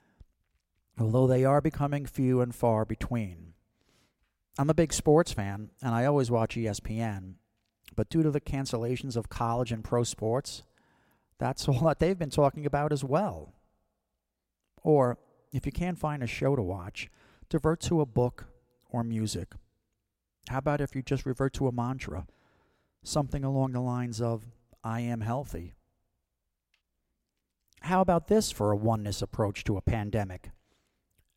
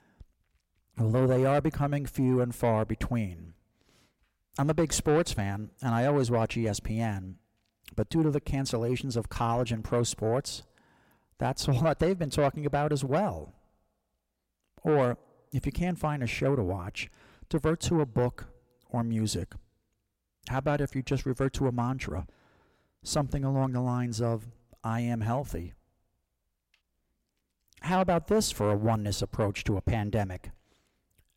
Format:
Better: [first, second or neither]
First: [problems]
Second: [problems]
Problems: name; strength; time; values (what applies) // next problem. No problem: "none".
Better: first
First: none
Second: distortion; slight; 10 dB below the speech